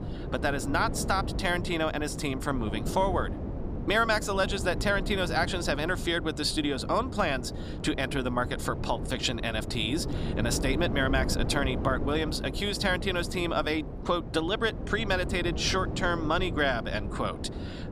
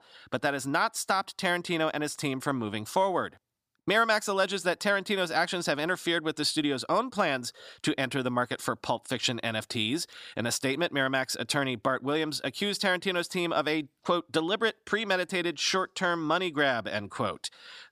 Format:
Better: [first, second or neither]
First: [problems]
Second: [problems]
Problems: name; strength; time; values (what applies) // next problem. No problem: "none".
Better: second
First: wind noise on the microphone; occasional gusts; 10 dB below the speech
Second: none